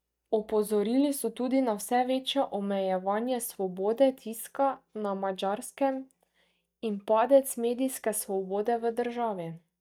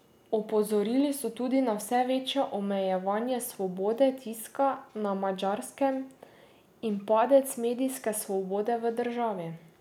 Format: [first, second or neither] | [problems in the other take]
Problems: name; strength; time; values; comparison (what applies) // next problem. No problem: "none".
second | noise reduction (neural mask model DeepFilterNet 3)